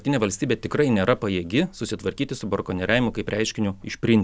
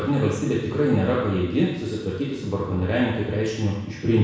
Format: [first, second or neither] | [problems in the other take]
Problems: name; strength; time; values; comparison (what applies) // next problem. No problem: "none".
first | room echo; dies away in 1.1 s